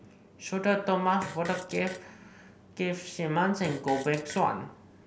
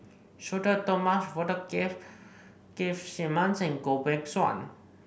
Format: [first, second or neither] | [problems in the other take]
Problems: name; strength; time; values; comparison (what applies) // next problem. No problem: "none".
second | background sound (Fart); 16 dB below the speech